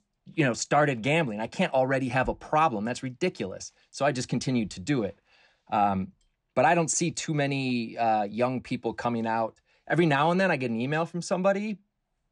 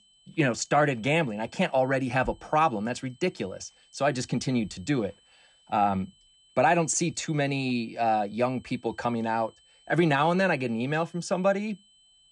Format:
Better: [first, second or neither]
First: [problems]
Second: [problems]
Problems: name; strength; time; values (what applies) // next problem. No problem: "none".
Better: first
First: none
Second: high-pitched whine; faint; throughout; 3 kHz, 30 dB below the speech